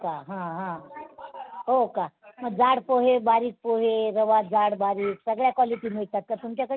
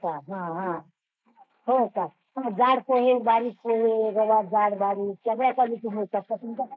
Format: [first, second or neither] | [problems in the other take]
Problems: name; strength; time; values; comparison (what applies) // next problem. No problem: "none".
first | noise reduction (neural mask model Resemble Enhance denoiser)